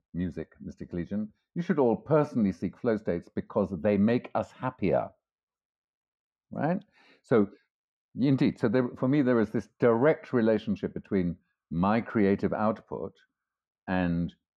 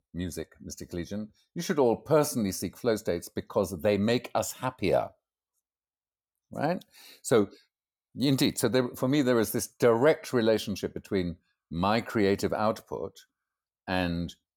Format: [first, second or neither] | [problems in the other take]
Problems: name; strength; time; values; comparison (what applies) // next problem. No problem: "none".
second | muffled; very; fading above 2 kHz